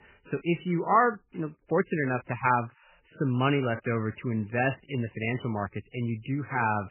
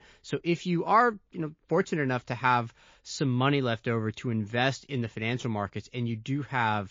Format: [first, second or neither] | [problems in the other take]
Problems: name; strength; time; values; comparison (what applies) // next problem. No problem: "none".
second | garbled, watery; badly; nothing above 3 kHz; slightly in the second